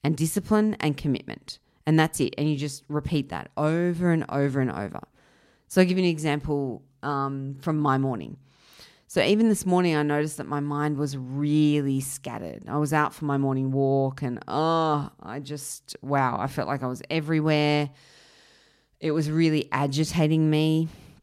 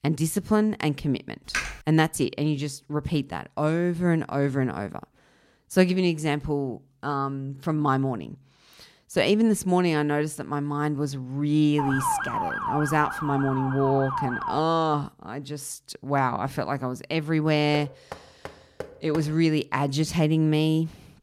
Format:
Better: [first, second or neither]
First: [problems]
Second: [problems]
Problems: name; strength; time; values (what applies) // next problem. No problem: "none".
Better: first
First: none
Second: keyboard typing; noticeable; at 1.5 s; peak 4 dB below the speech // siren; noticeable; from 12 to 15 s; peak 1 dB below the speech // door banging; faint; from 18 to 19 s; peak 15 dB below the speech